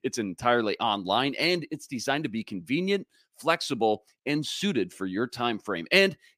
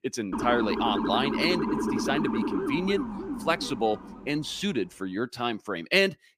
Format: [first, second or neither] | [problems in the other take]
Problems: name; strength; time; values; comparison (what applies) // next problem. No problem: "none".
first | siren; loud; until 4.5 s; peak level with the speech